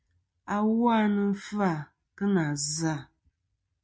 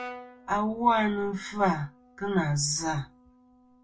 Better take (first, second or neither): first